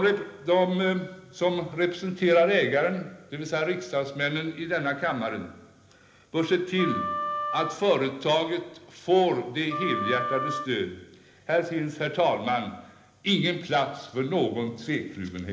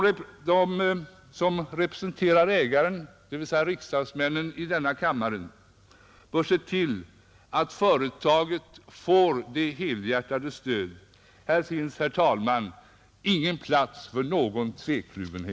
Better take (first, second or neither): second